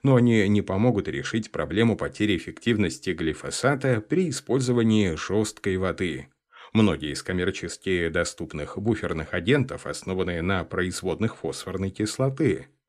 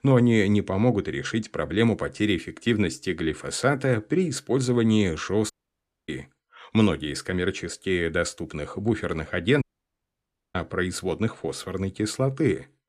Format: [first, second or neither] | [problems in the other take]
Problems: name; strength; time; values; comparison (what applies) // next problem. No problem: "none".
first | audio cutting out; at 5.5 s for 0.5 s and at 9.5 s for 1 s